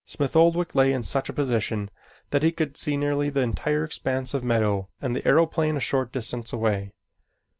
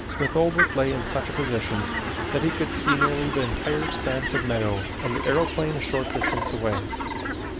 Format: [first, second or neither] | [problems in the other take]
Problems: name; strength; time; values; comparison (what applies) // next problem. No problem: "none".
first | background sound (Fowl); 1 dB below the speech